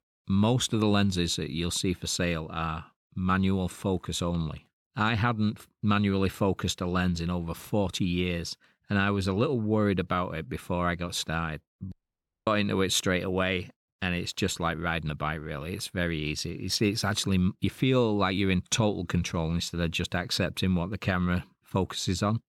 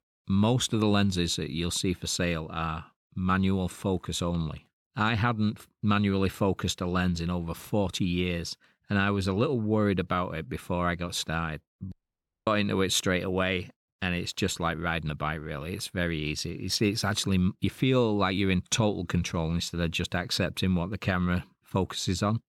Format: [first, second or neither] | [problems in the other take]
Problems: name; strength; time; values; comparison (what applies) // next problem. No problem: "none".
neither | audio cutting out; at 12 s for 0.5 s; the same in both